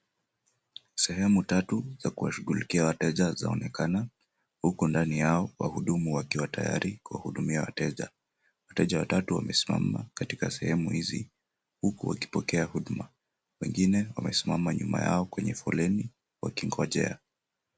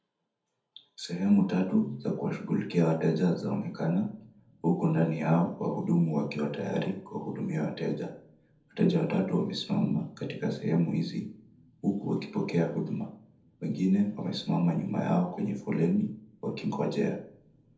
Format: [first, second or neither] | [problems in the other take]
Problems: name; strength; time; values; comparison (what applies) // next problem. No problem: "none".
first | room echo; dies away in 0.6 s